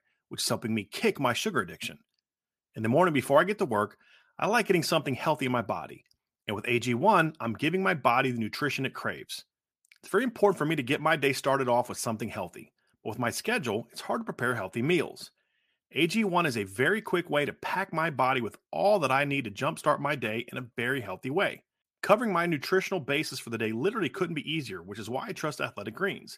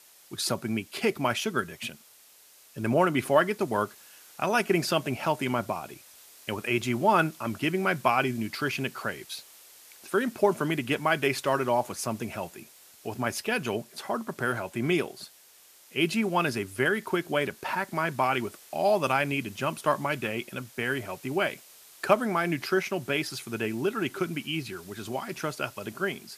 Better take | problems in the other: first | hiss; faint; throughout; 20 dB below the speech

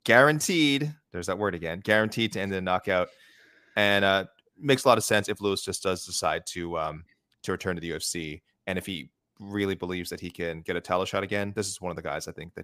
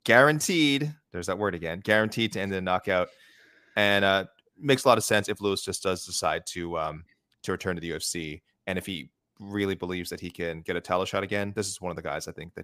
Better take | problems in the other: neither | none

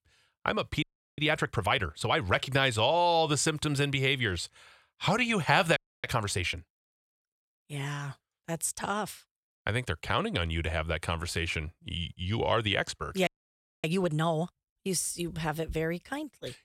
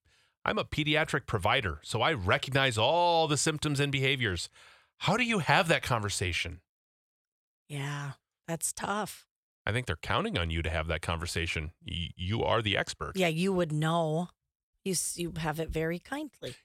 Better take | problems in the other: second | audio freezing; at 1 s, at 6 s and at 13 s for 0.5 s

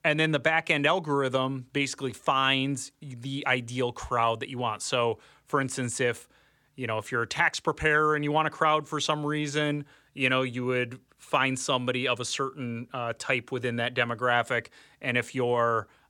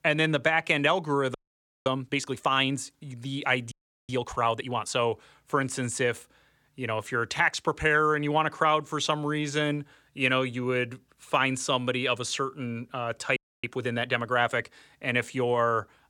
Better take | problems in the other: first | audio freezing; at 1.5 s for 0.5 s, at 3.5 s and at 13 s

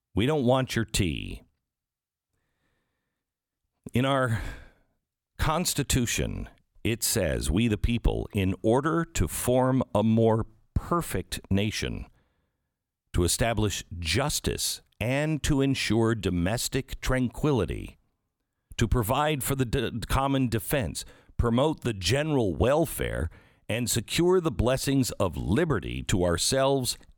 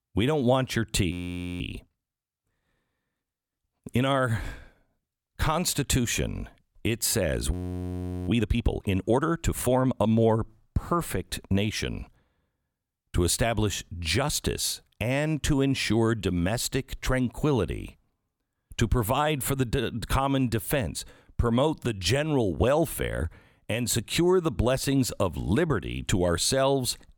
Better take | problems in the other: first | audio freezing; at 1 s and at 7.5 s for 1 s

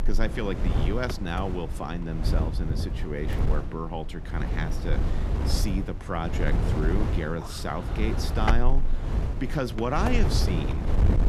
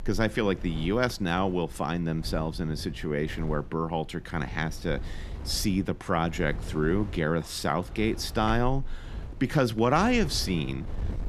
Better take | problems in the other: second | wind noise on the microphone; heavy; 4 dB below the speech; occasional gusts in the second

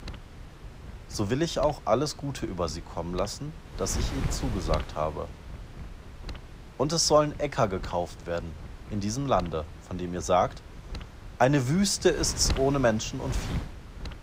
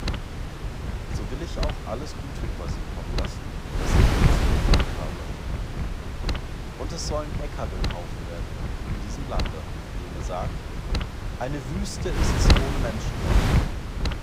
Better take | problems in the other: first | wind noise on the microphone; heavy; 4 dB above the speech; occasional gusts in the first

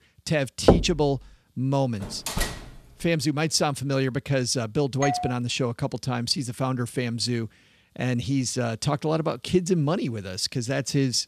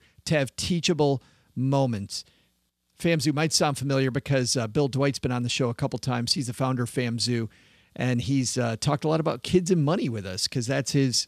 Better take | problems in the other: second | door banging; loud; at 0.5 s; peak 5 dB above the speech // door banging; noticeable; from 2 to 3 s; peak 3 dB below the speech // doorbell; noticeable; at 5 s; peak 3 dB below the speech

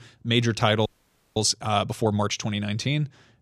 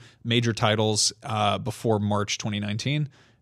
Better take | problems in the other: second | audio freezing; at 1 s for 0.5 s

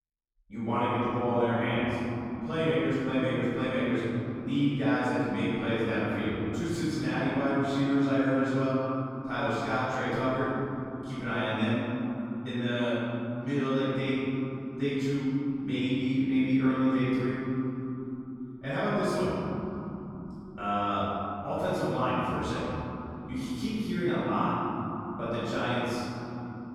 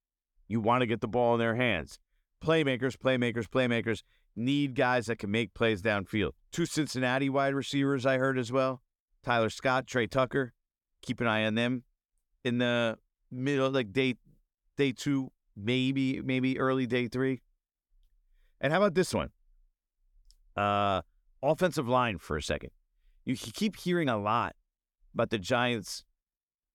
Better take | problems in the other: second | off-mic speech; far // room echo; strong; dies away in 3 s

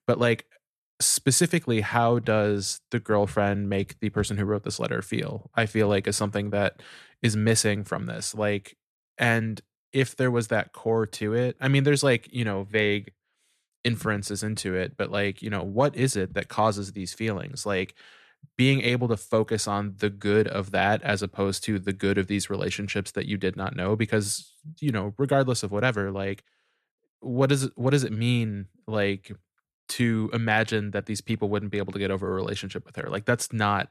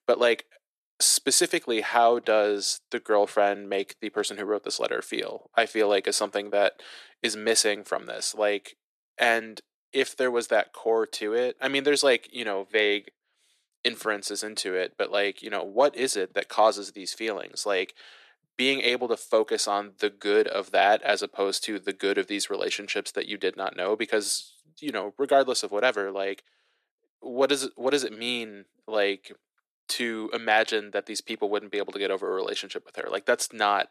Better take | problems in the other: first | thin; very; fading below 350 Hz

